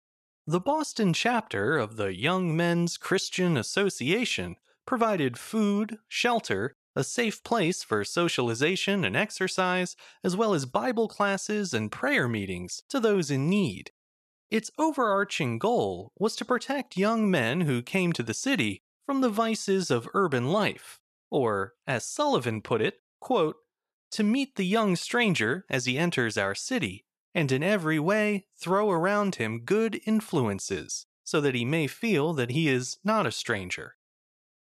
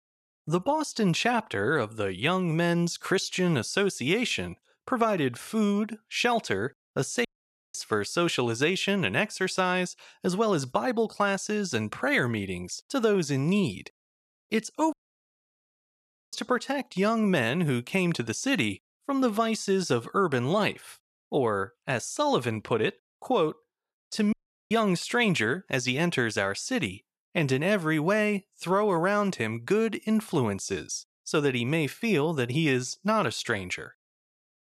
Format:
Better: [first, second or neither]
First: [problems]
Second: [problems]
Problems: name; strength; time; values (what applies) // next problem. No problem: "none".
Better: first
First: none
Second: audio cutting out; at 7.5 s, at 15 s for 1.5 s and at 24 s